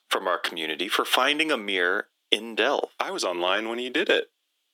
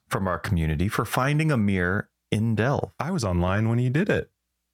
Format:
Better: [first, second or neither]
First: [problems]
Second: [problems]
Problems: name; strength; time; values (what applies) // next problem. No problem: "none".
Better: second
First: thin; very; fading below 300 Hz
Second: none